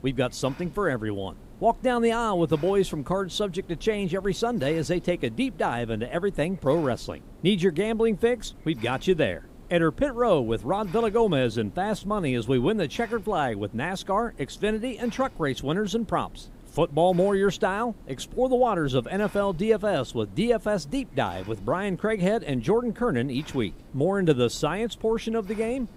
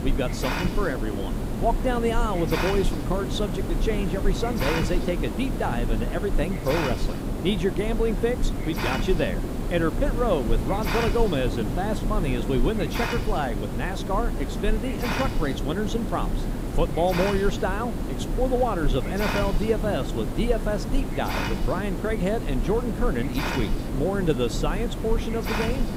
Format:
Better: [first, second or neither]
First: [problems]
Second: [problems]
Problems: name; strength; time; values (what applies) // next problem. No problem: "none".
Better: first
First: hiss; faint; throughout; 20 dB below the speech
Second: hiss; loud; throughout; 2 dB below the speech